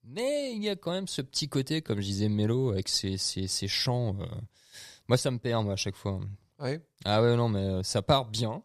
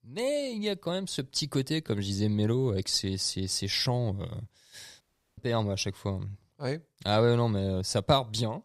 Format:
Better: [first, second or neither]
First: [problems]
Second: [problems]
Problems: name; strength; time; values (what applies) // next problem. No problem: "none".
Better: first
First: none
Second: audio cutting out; at 5 s